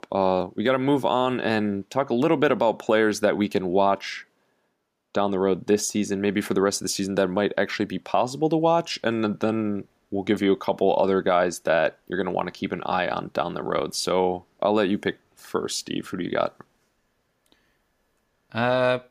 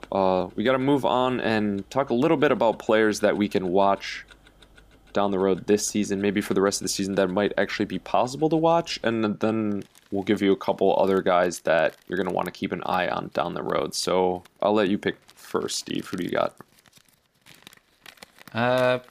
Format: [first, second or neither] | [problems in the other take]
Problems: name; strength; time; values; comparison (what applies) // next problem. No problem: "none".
first | household noises; faint; throughout; 30 dB below the speech